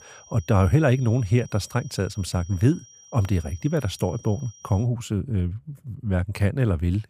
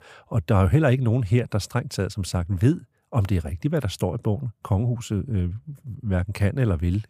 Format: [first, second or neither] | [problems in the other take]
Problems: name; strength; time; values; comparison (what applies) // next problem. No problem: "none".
second | high-pitched whine; faint; until 5 s; 5.5 kHz, 25 dB below the speech